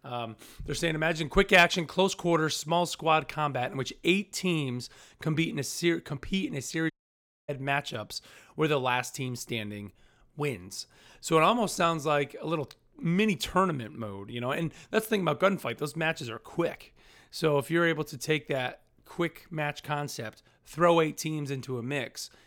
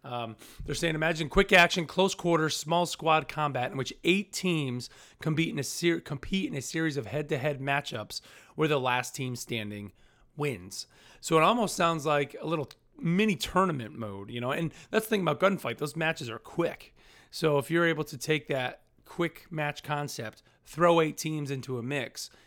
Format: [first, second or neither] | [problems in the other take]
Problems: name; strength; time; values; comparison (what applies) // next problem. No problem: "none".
second | audio cutting out; at 7 s for 0.5 s